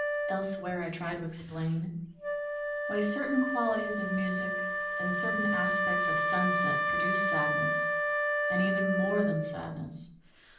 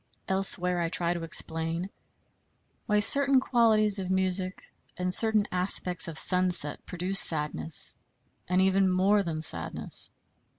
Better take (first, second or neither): second